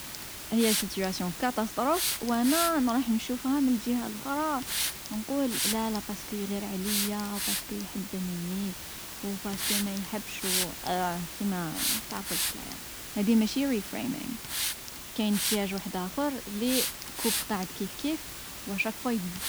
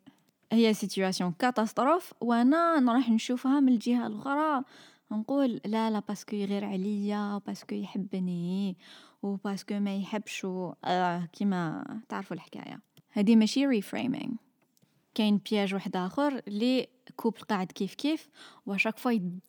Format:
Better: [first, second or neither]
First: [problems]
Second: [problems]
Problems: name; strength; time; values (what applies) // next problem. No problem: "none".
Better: second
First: hiss; loud; throughout; 1 dB below the speech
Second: none